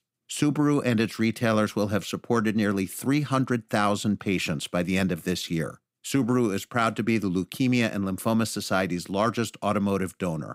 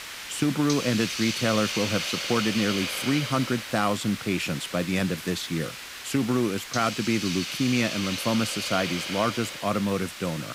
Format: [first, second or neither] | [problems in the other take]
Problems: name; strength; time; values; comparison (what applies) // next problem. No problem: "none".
first | hiss; loud; throughout; 5 dB below the speech